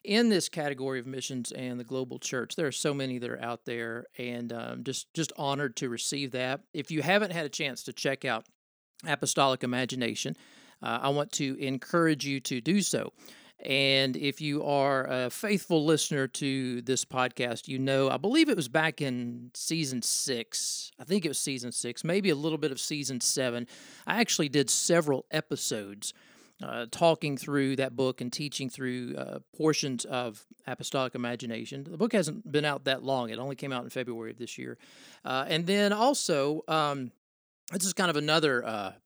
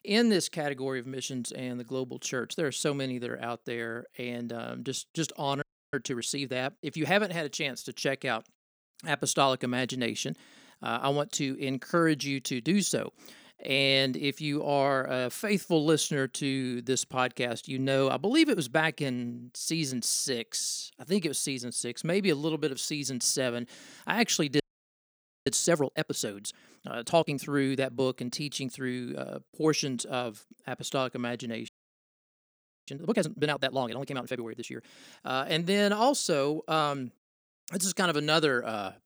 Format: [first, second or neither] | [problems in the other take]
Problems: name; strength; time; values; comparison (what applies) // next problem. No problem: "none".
first | audio freezing; at 5.5 s, at 25 s for 1 s and at 32 s for 1 s